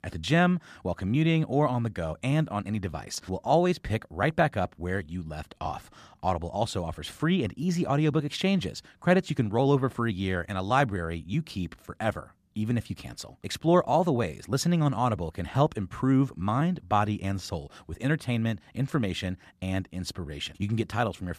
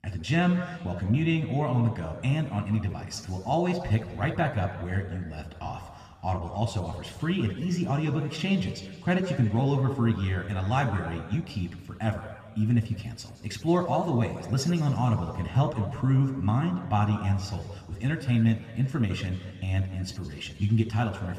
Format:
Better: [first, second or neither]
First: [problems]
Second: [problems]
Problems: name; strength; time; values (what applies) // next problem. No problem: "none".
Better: first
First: none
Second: room echo; slight; dies away in 1.9 s